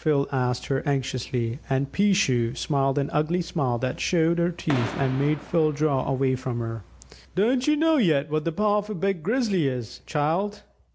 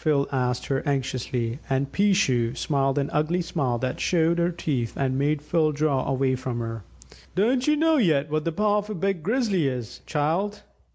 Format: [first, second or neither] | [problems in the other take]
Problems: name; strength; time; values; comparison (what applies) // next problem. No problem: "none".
second | background sound (Fireworks); 13 dB below the speech